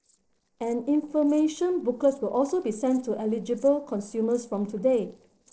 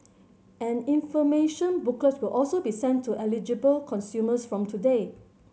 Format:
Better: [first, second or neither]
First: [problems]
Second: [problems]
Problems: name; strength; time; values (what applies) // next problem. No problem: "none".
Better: second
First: noise reduction (neural separator model SepFormer DNS4)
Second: none